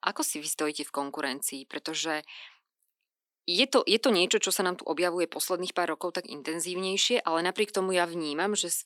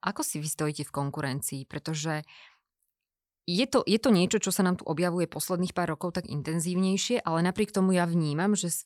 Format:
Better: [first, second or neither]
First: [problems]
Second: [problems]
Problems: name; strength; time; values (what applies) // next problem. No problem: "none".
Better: second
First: thin; somewhat; fading below 250 Hz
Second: none